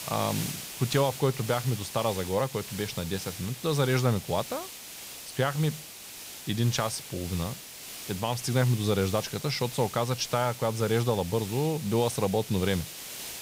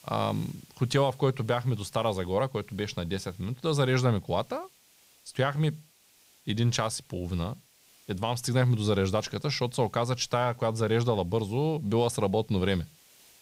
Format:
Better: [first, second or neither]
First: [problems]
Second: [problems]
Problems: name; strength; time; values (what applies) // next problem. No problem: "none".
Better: second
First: hiss; loud; throughout; 10 dB below the speech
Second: hiss; faint; throughout; 30 dB below the speech